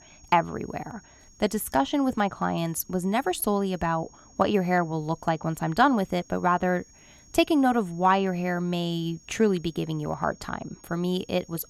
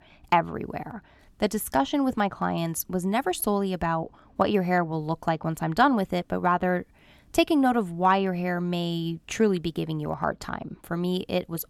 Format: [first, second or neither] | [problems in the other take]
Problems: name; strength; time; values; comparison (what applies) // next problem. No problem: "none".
second | high-pitched whine; faint; throughout; 6.5 kHz, 25 dB below the speech